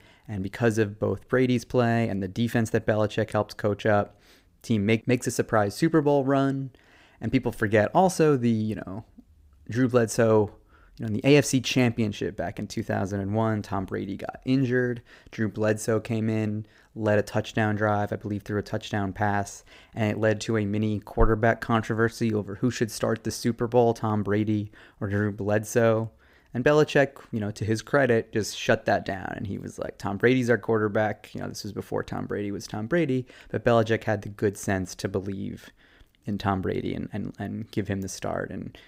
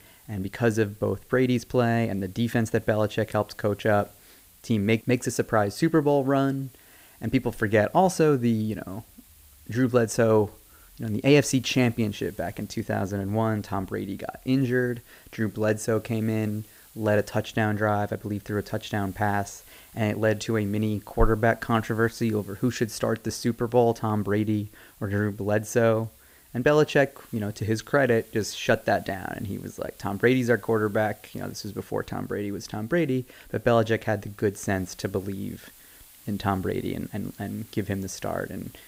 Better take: first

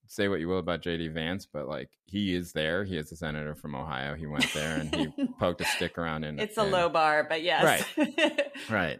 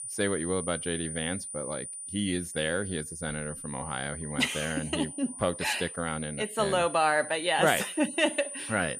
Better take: first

